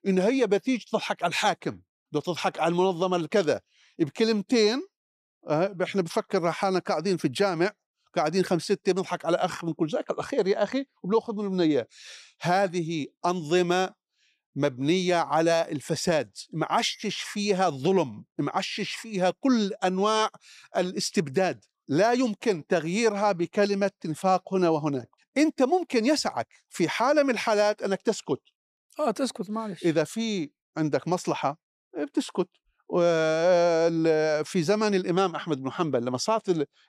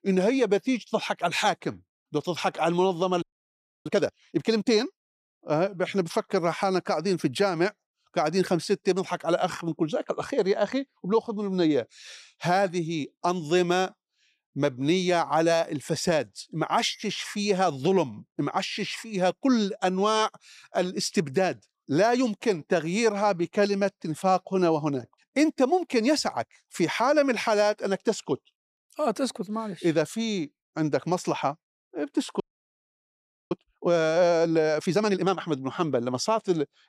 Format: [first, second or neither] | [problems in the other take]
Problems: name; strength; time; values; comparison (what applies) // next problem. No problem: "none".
first | audio freezing; at 3 s for 0.5 s and at 32 s for 1 s